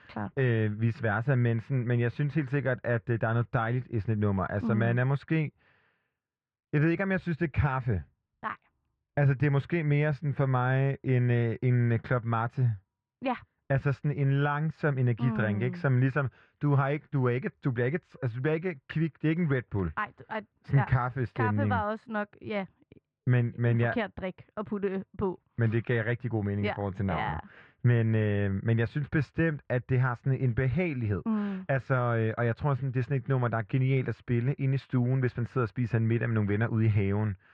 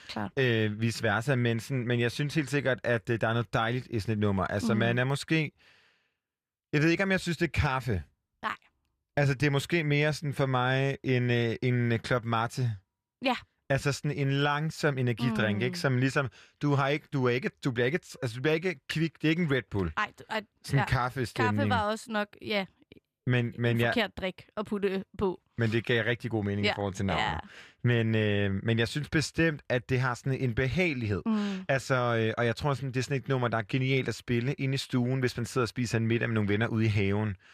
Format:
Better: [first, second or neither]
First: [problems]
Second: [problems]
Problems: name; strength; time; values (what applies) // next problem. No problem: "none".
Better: second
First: muffled; very; fading above 1.5 kHz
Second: none